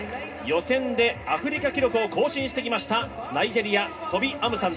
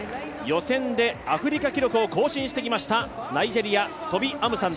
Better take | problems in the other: second | room echo; dies away in 0.2 s

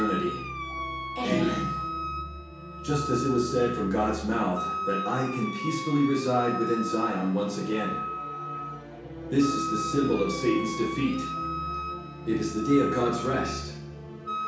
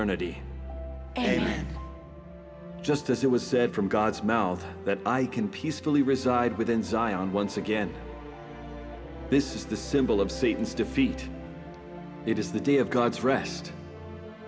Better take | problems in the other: second | background sound (Wind instrument, woodwind instrument); 7 dB below the speech // room echo; dies away in 0.6 s

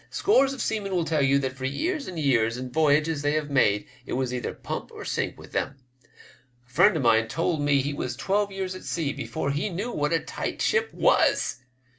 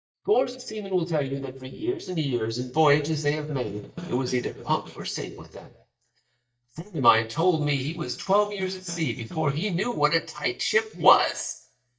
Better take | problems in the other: first | noise reduction (neural mask model DeepFilterNet 3)

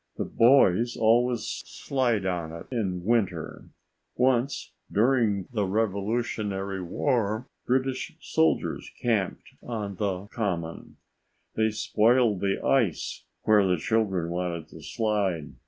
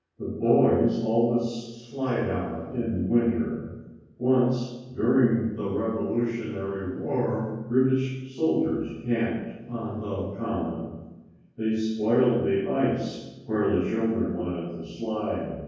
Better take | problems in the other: first | room echo; dies away in 1.3 s

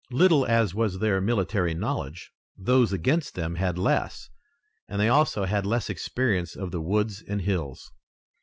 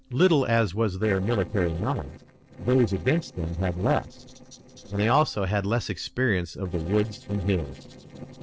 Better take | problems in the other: first | noise reduction (neural separator model SepFormer DNS4)

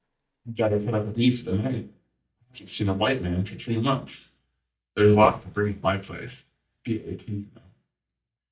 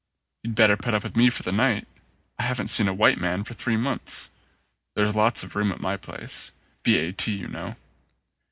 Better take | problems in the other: second | noise reduction (neural mask model DeepFilterNet 3)

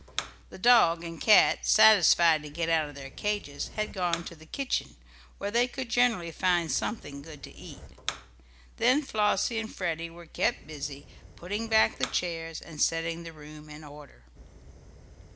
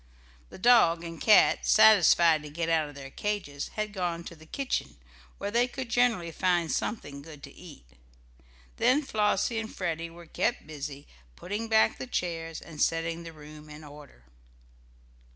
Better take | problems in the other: second | background sound (Fire); 16 dB below the speech

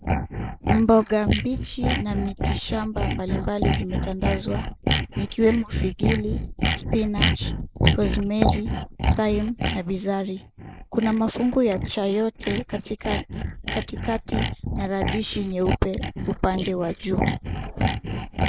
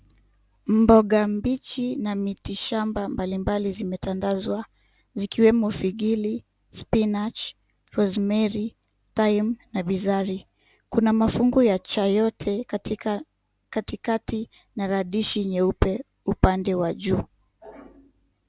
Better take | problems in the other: second | noise reduction (neural mask model Resemble Enhance denoiser)

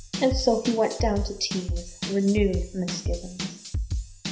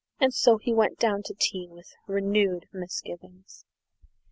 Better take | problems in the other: second | background sound (Drum / Drum kit); 4 dB below the speech // room echo; dies away in 0.5 s

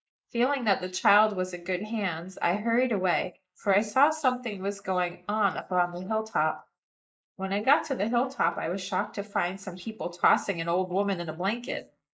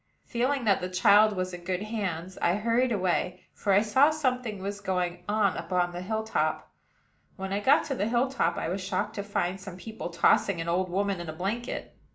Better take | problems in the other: second | noise reduction (neural mask model Resemble Enhance denoiser)

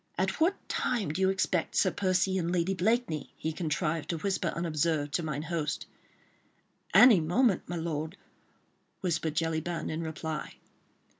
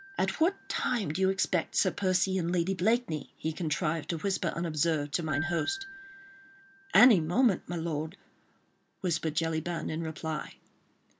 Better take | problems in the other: first | background sound (Keyboard (musical)); 18 dB below the speech

